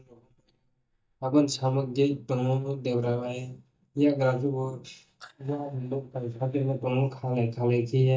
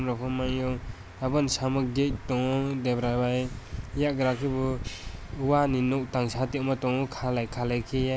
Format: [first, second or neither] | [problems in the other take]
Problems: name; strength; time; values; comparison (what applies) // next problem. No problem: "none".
second | noise reduction (neural mask model DeepFilterNet 3)